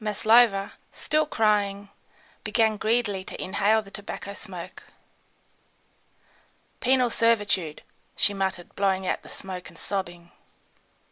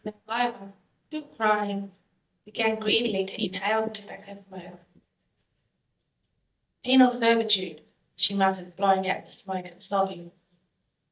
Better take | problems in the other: first | noise reduction (neural mask model DeepFilterNet 3)

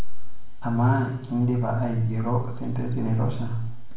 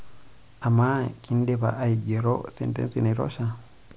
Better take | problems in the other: second | room echo; dies away in 0.7 s

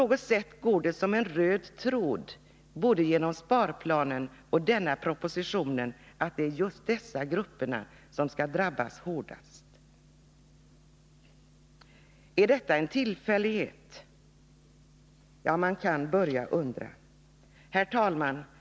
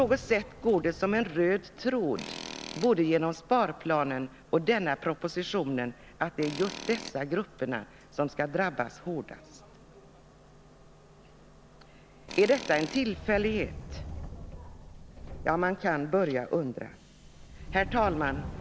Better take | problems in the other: first | background sound (Subway, metro, underground + Tools); 14 dB below the speech

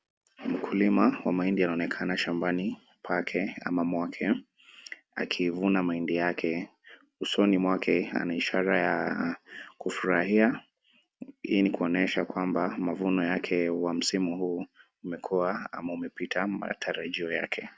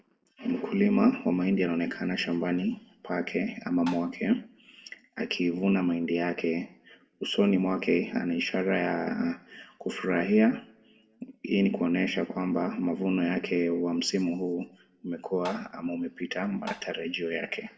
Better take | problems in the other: first | background sound (Tap); 13 dB below the speech // room echo; dies away in 0.5 s

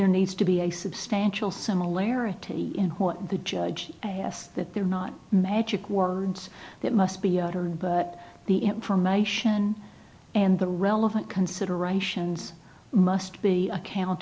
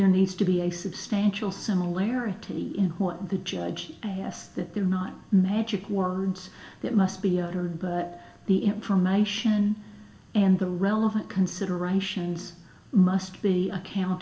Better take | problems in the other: first | room echo; dies away in 0.6 s

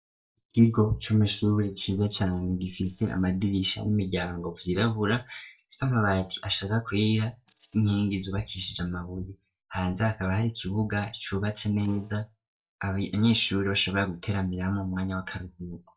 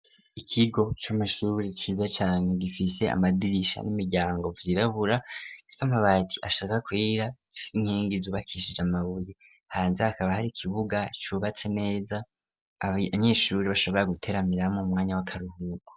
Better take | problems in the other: second | noise reduction (neural mask model DeepFilterNet 3)

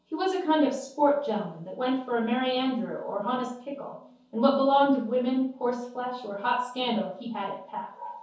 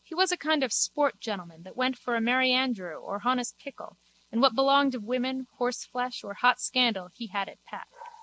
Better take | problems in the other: second | room echo; dies away in 0.6 s

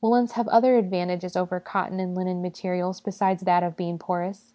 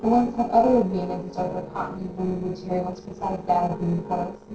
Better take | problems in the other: first | noise reduction (neural separator model SepFormer DNS4)

